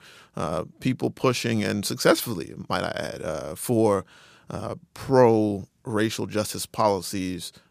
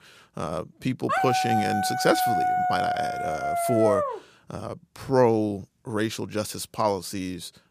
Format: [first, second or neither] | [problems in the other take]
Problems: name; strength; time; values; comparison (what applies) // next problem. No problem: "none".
first | dog barking; loud; from 1 to 4 s; peak 4 dB above the speech